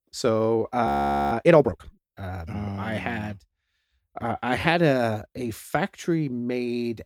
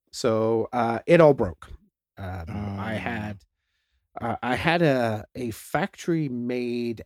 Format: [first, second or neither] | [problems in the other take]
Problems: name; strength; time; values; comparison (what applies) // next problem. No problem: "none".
second | audio freezing; at 1 s